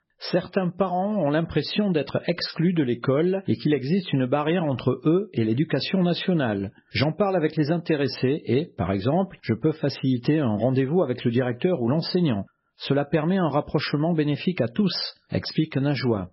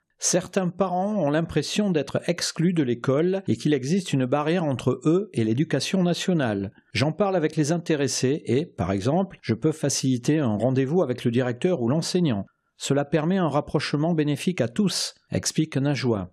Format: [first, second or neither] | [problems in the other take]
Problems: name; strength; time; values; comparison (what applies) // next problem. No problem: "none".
second | garbled, watery; badly; nothing above 5.5 kHz